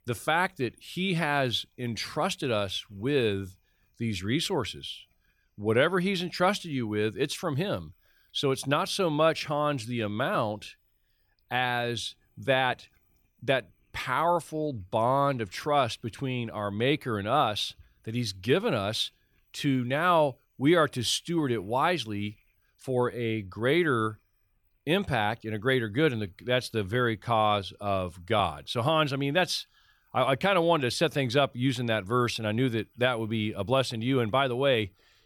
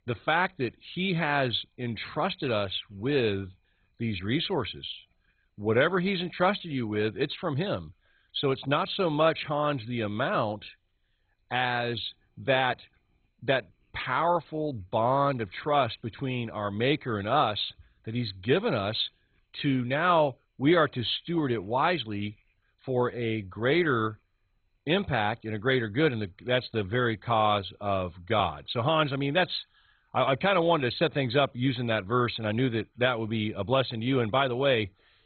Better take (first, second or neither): first